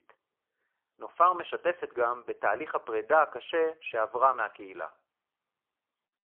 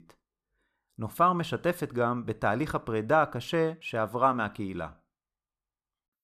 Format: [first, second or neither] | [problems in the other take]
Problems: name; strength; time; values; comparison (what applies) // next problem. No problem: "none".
second | phone-call audio; poor line; nothing above 3 kHz